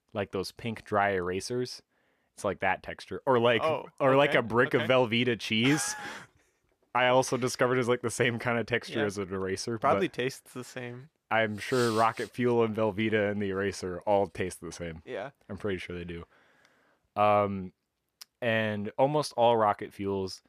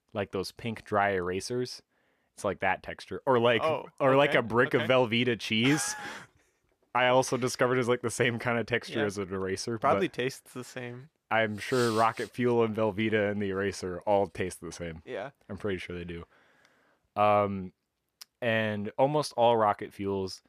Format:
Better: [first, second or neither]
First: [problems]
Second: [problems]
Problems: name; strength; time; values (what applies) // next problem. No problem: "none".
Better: neither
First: none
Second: none